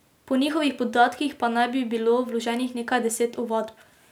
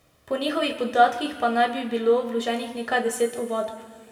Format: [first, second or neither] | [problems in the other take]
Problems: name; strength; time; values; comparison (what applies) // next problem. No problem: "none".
first | room echo; dies away in 1.8 s